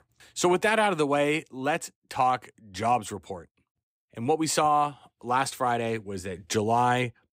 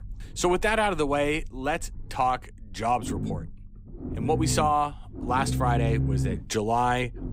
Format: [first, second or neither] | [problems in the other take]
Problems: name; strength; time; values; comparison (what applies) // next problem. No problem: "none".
first | low rumble; noticeable; throughout; 15 dB below the speech